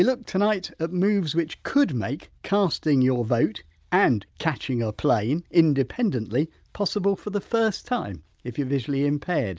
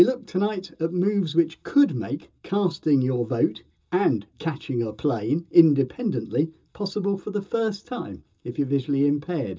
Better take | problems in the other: first | room echo; dies away in 0.2 s

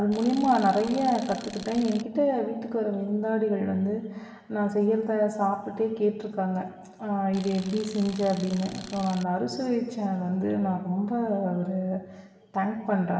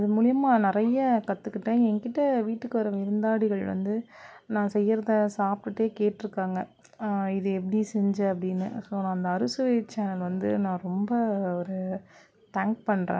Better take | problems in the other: second | background sound (Tools); 17 dB below the speech // room echo; dies away in 1.1 s

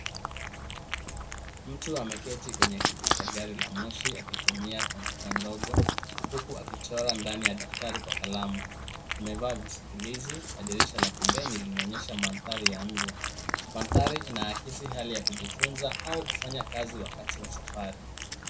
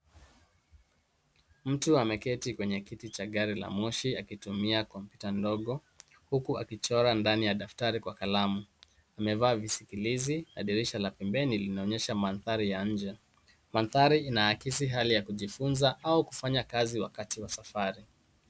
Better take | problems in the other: second | background sound (Cat); 4 dB above the speech // room echo; dies away in 0.2 s

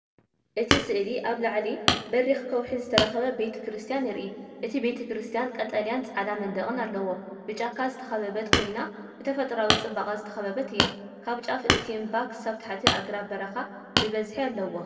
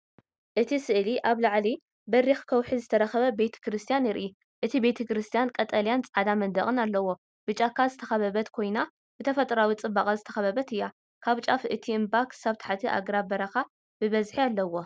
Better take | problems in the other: second | background sound (Hammer); 1 dB below the speech // room echo; dies away in 1.8 s

